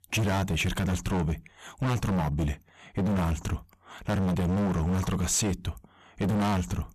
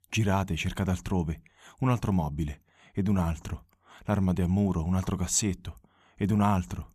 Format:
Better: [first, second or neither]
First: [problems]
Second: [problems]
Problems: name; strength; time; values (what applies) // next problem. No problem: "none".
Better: second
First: distortion; heavy; 27% of the sound clipped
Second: none